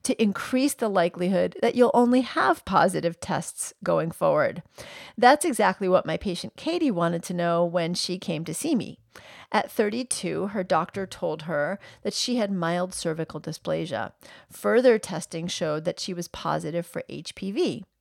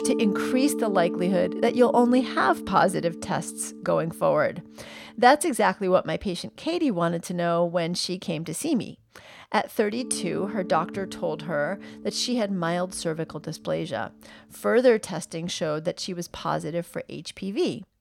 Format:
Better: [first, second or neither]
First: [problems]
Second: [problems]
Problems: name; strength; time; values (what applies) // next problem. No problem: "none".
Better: first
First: none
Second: background music; loud; throughout; 9 dB below the speech